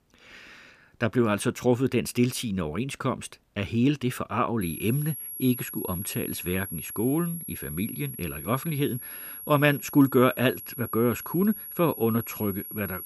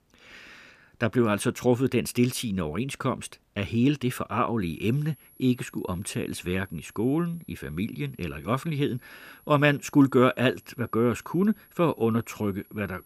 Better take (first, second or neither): second